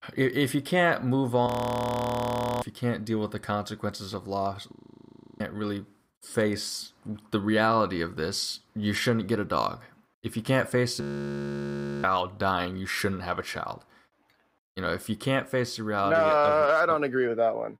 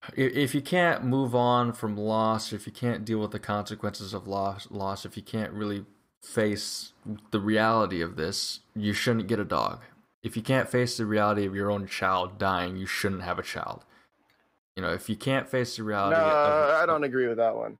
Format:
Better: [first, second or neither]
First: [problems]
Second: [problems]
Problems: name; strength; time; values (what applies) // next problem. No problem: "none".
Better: second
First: audio freezing; at 1.5 s for 1 s, at 4.5 s for 0.5 s and at 11 s for 1 s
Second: none